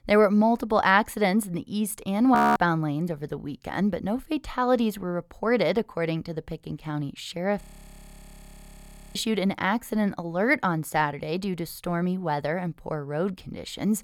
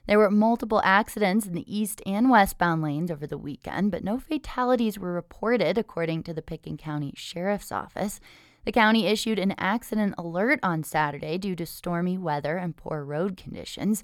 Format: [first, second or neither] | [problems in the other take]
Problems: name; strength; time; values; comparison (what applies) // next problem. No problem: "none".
second | audio freezing; at 2.5 s and at 7.5 s for 1.5 s